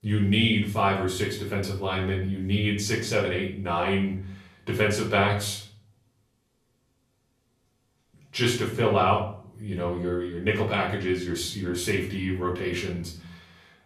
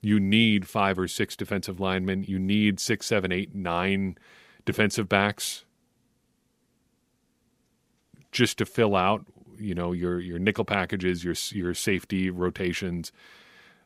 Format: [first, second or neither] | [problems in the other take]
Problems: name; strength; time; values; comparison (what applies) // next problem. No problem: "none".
second | off-mic speech; far // room echo; slight; dies away in 0.5 s